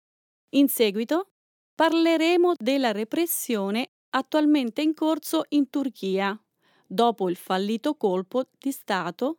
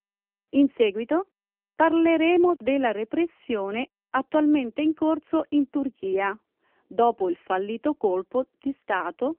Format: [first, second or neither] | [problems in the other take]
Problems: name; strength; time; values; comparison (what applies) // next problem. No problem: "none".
first | phone-call audio; poor line; nothing above 3 kHz